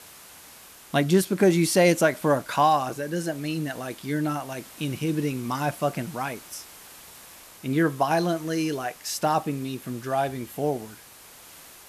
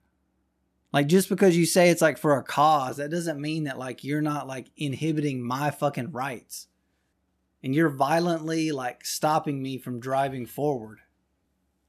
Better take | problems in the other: second | hiss; noticeable; throughout; 20 dB below the speech

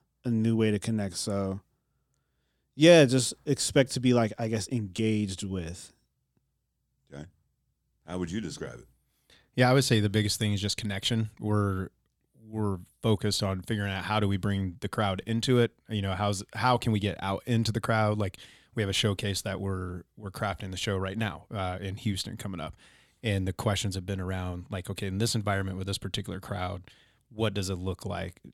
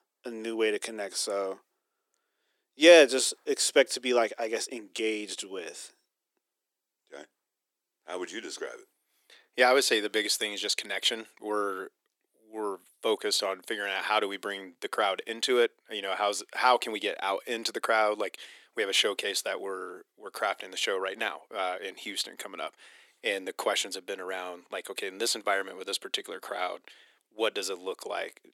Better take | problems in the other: first | thin; very; fading below 350 Hz

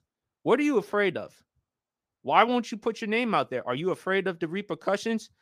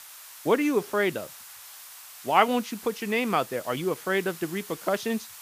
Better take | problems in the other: first | hiss; noticeable; throughout; 15 dB below the speech

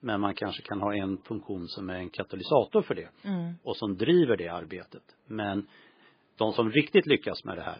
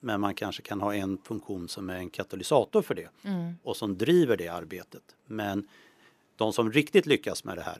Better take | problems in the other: second | garbled, watery; badly; nothing above 4.5 kHz

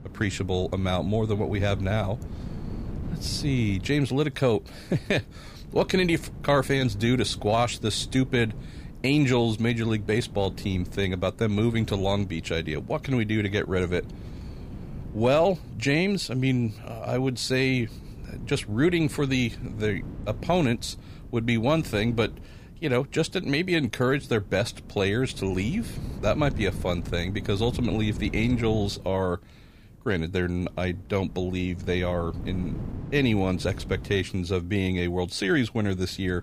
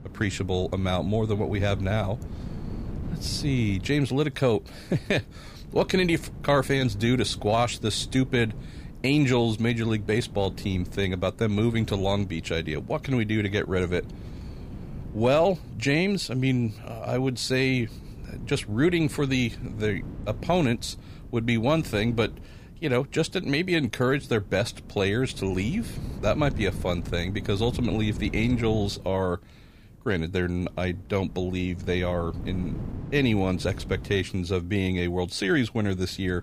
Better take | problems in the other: neither | wind noise on the microphone; occasional gusts; 20 dB below the speech; the same in both

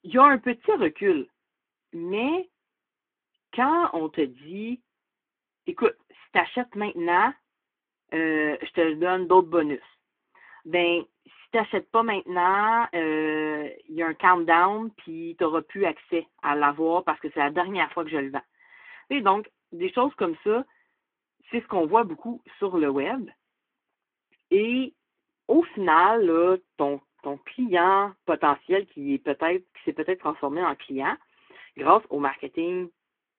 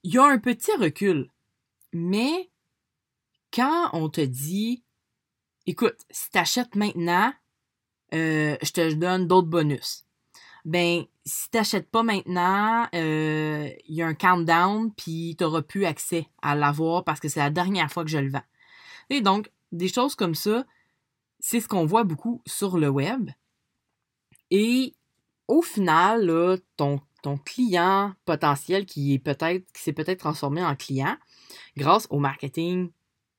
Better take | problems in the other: second | phone-call audio

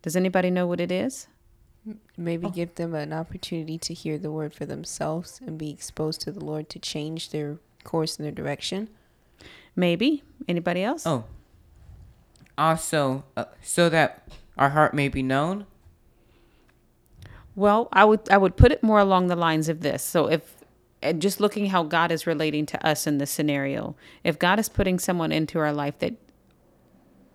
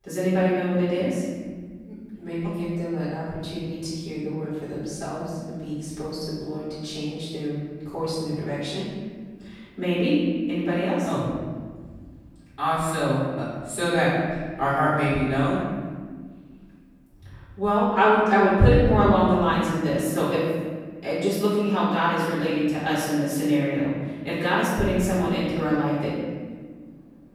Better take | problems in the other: first | off-mic speech; far // room echo; strong; dies away in 1.7 s

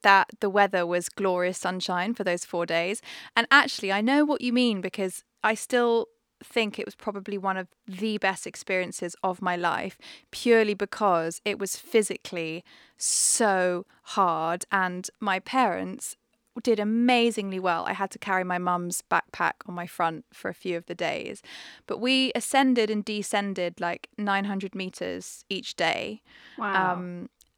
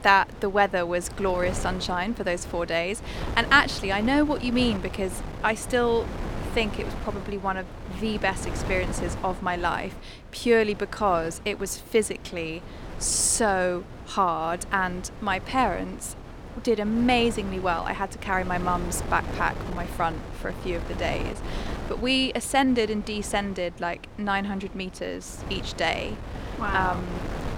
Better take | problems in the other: first | wind noise on the microphone; occasional gusts; 15 dB below the speech

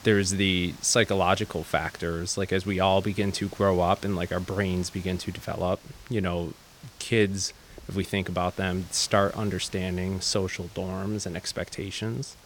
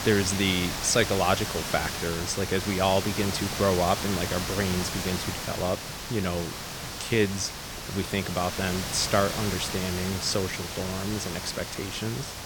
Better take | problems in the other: first | hiss; loud; throughout; 4 dB below the speech; faint in the first

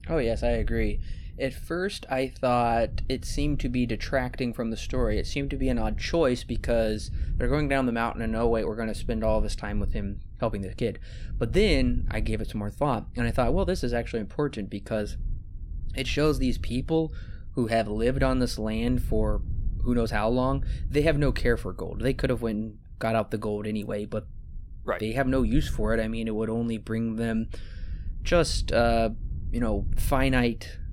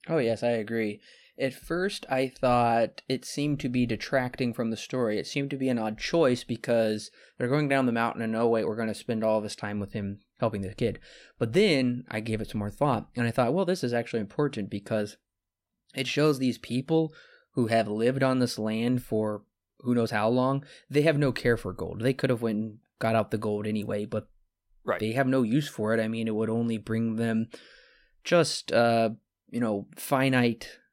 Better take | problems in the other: second | low rumble; faint; throughout; 25 dB below the speech

